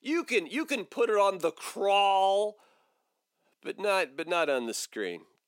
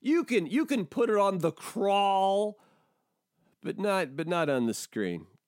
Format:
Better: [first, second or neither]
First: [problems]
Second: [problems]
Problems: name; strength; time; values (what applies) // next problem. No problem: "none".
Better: second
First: thin; somewhat; fading below 450 Hz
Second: none